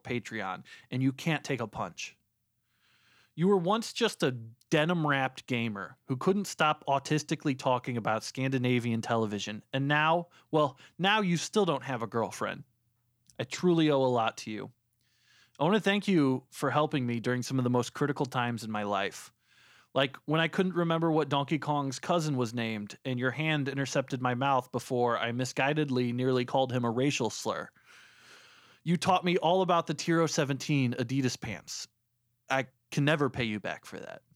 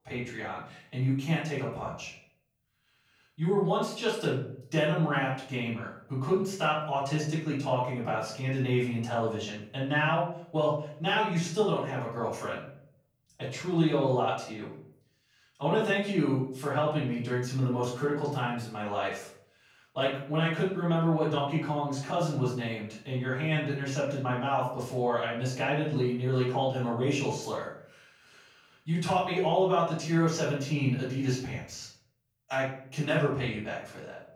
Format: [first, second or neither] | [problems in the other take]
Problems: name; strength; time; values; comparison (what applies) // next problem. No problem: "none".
first | off-mic speech; far // room echo; noticeable; dies away in 0.5 s